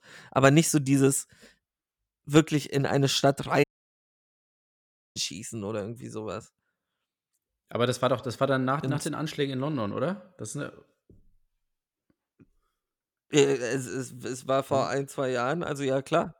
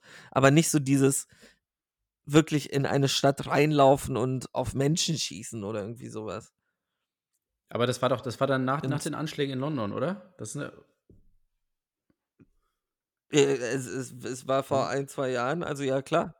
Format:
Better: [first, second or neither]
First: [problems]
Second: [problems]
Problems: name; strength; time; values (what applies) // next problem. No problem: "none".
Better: second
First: audio cutting out; at 3.5 s for 1.5 s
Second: none